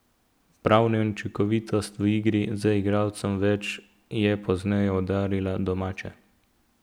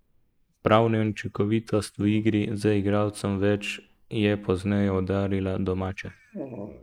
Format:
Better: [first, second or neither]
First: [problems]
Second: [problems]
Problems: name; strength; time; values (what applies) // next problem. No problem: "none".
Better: first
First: none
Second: noise reduction (neural mask model Resemble Enhance denoiser)